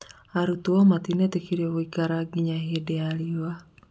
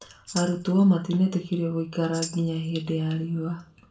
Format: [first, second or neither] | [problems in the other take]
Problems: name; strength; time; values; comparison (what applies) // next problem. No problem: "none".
first | background sound (Tambourine); 16 dB below the speech // room echo; dies away in 0.3 s